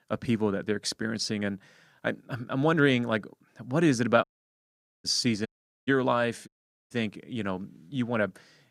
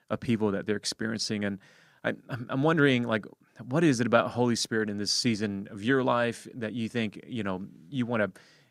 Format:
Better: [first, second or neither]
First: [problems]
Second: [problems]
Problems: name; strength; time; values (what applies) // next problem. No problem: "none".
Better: second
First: audio cutting out; at 4 s for 1 s, at 5.5 s and at 6.5 s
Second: none